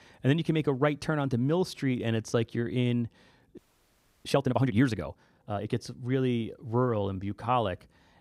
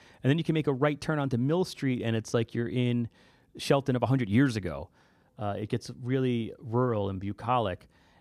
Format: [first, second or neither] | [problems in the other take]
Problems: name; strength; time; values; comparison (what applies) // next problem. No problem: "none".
second | audio freezing; at 3.5 s for 0.5 s